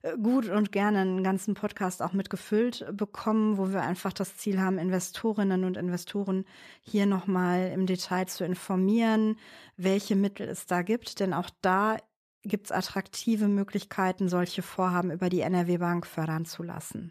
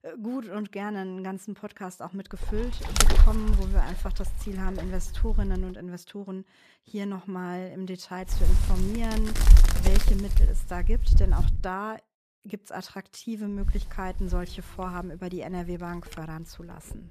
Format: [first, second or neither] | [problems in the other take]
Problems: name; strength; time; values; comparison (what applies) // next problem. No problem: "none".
first | wind noise on the microphone; heavy; from 2.5 to 5.5 s, from 8.5 to 12 s and from 14 s on; 3 dB above the speech